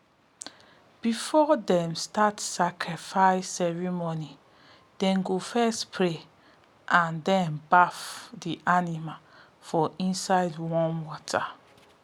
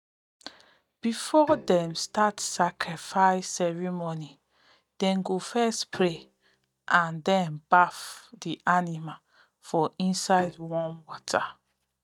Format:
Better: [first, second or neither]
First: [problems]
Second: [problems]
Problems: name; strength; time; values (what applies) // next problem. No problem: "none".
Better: first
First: none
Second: noise reduction (neural mask model DeepFilterNet 3)